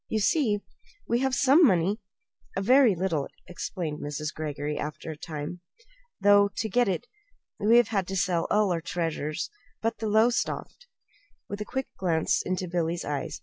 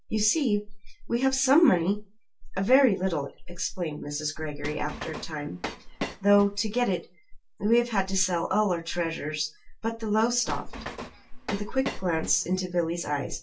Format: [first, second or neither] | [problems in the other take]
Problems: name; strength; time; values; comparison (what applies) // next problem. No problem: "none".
first | background sound (Train); 11 dB below the speech // room echo; dies away in 0.2 s